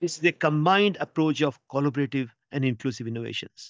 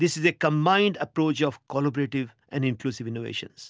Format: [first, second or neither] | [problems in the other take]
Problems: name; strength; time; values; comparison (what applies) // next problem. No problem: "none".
second | noise reduction (neural mask model DeepFilterNet 3)